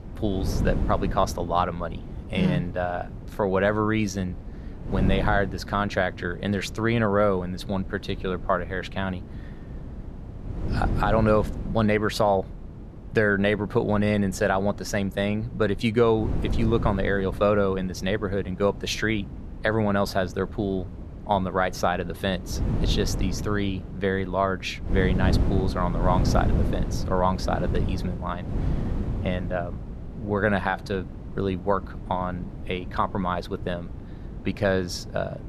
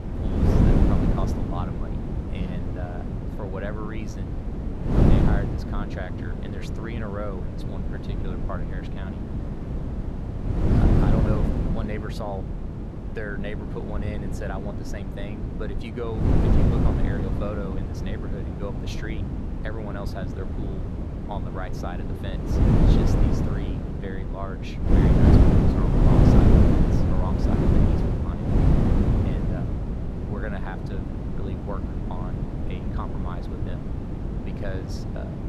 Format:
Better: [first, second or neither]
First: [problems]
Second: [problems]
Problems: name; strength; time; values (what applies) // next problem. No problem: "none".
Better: first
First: wind noise on the microphone; occasional gusts; 15 dB below the speech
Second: wind noise on the microphone; heavy; 5 dB above the speech